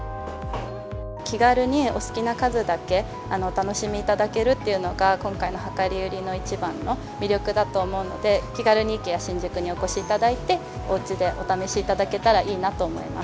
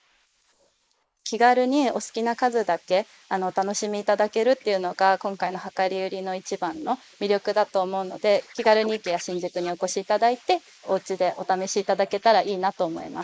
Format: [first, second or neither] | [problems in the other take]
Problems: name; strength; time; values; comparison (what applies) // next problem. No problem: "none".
first | noise reduction (neural mask model Resemble Enhance denoiser)